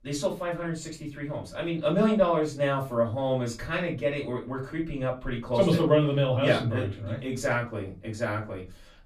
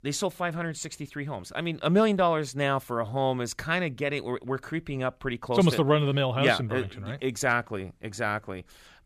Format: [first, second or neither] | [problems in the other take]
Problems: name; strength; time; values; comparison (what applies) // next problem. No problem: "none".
second | off-mic speech; far // room echo; very slight; dies away in 0.3 s